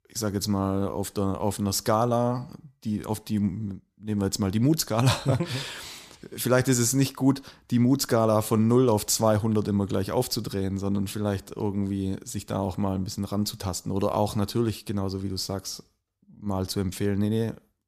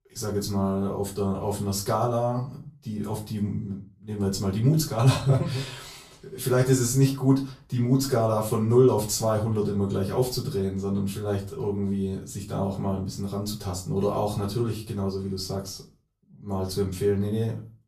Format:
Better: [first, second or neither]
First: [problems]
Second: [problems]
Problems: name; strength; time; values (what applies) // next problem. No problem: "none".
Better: first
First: none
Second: off-mic speech; far // room echo; very slight; dies away in 0.3 s